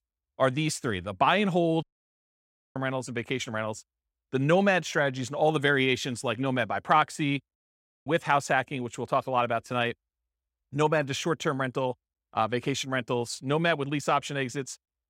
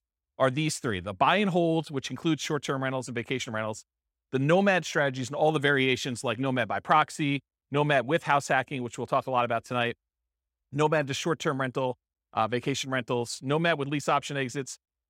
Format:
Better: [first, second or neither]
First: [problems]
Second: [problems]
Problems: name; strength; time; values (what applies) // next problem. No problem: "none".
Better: second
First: audio cutting out; at 2 s for 1 s and at 7.5 s for 0.5 s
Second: none